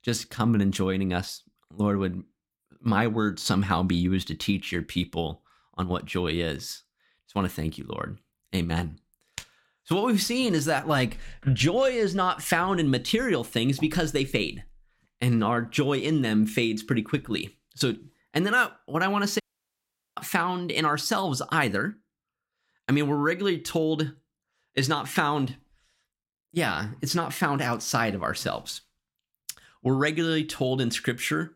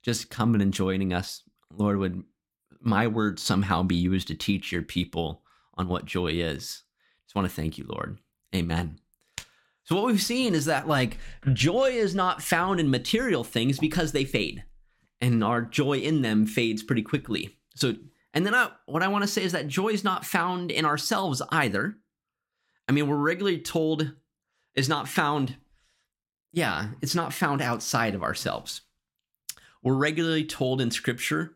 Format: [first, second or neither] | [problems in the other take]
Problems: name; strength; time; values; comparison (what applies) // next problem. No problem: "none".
second | audio cutting out; at 19 s for 1 s